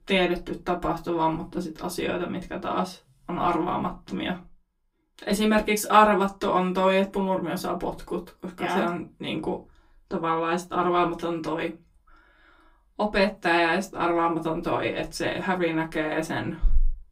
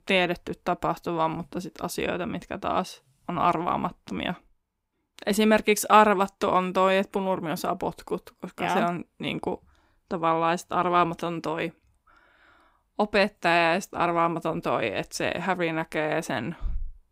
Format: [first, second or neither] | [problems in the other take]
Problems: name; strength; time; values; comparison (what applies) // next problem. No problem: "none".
second | off-mic speech; far // room echo; very slight; dies away in 0.2 s